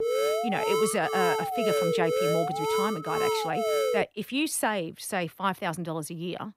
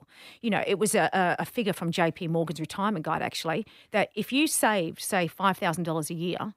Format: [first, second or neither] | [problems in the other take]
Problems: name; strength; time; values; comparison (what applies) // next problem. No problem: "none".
second | alarm; loud; until 4 s; peak 4 dB above the speech